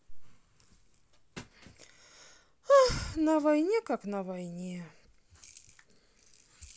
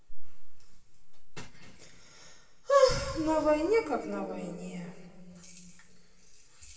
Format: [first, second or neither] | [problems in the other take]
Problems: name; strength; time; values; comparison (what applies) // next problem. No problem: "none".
first | room echo; dies away in 2.9 s